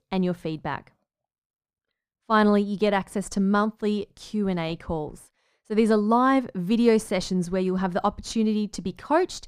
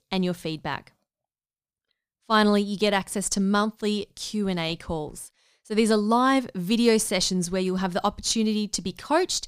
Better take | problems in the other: second | muffled; slightly; fading above 2.5 kHz

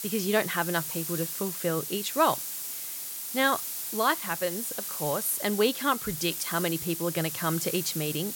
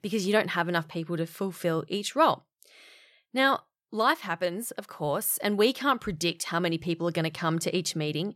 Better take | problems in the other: second | hiss; loud; throughout; 4 dB below the speech

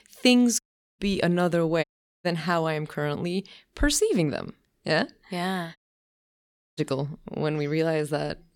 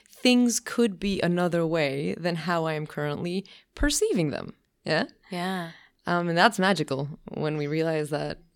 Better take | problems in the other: second | audio cutting out; at 0.5 s, at 2 s and at 6 s for 1 s

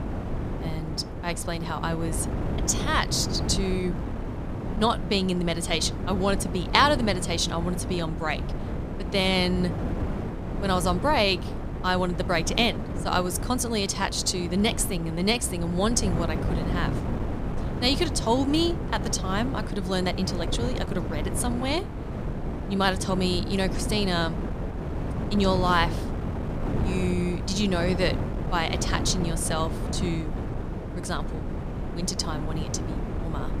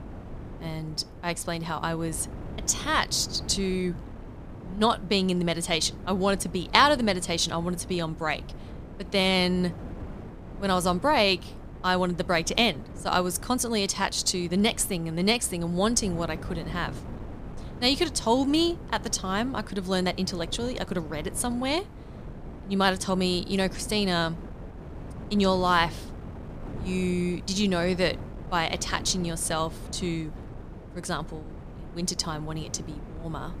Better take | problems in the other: second | wind noise on the microphone; heavy; 10 dB below the speech; occasional gusts in the second

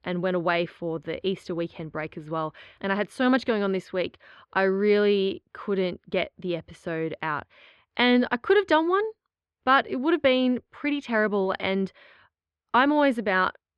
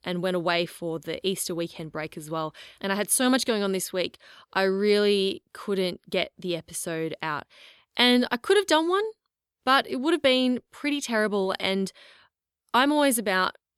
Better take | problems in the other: second | muffled; slightly; fading above 2 kHz

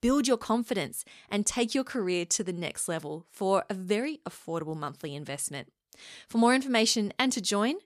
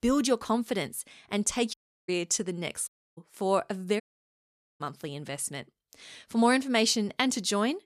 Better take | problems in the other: first | audio cutting out; at 1.5 s, at 3 s and at 4 s for 1 s

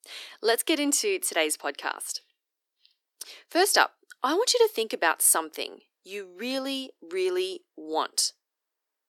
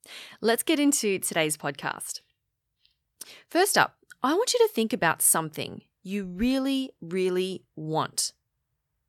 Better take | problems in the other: second | thin; somewhat; fading below 300 Hz

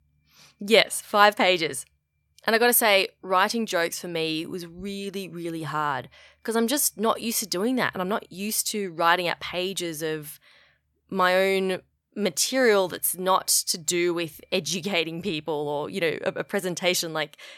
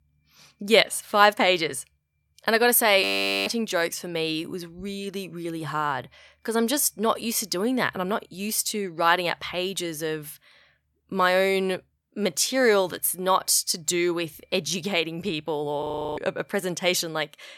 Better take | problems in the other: first | audio freezing; at 3 s and at 16 s

